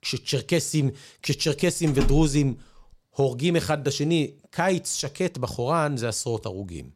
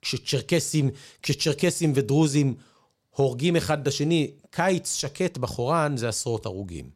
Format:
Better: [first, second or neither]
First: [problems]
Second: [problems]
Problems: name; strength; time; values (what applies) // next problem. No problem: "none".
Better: second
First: door banging; noticeable; at 2 s; peak 5 dB below the speech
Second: none